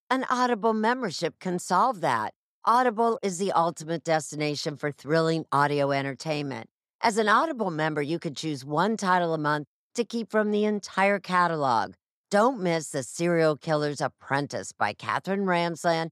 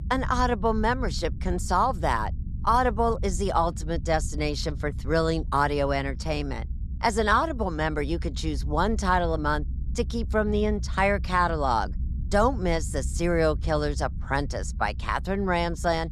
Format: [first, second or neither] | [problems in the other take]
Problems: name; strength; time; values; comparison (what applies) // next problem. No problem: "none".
first | low rumble; faint; throughout; 25 dB below the speech